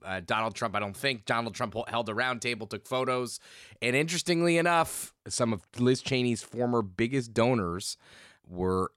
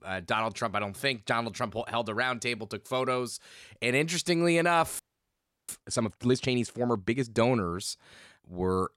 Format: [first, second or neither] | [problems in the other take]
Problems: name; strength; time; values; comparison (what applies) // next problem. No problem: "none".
first | audio freezing; at 5 s for 0.5 s